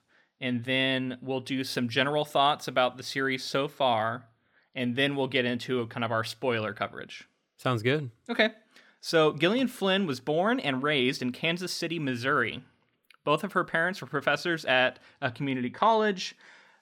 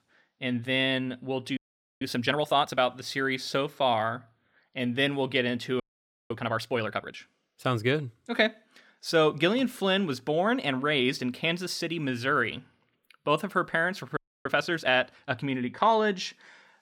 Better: first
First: none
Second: audio freezing; at 1.5 s, at 6 s for 0.5 s and at 14 s

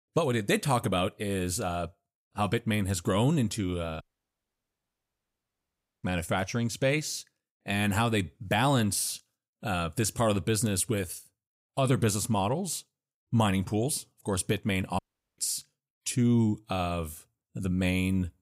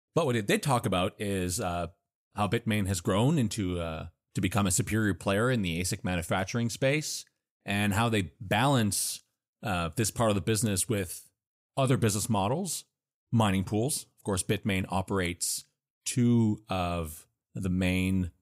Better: second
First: audio cutting out; at 4 s for 2 s and at 15 s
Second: none

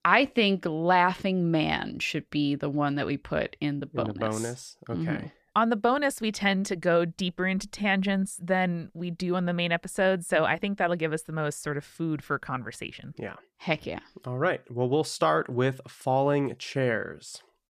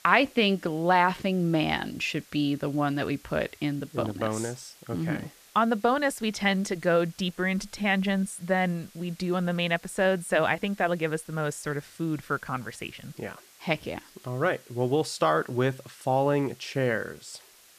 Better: first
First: none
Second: hiss; faint; throughout; 25 dB below the speech

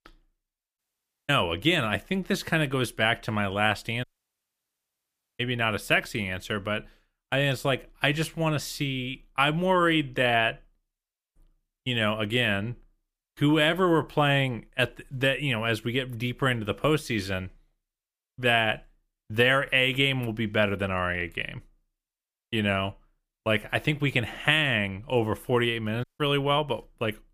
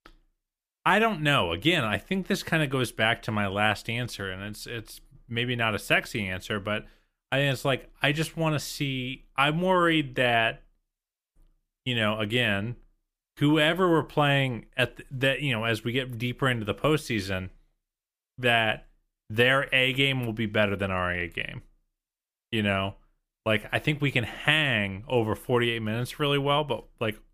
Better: second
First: audio cutting out; at 1 s for 0.5 s, at 4 s for 1.5 s and at 26 s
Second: none

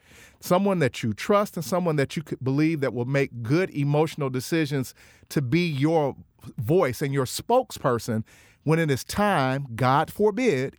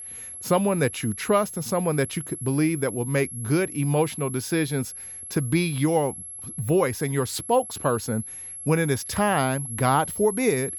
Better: first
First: none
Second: high-pitched whine; loud; throughout; 11 kHz, 10 dB below the speech

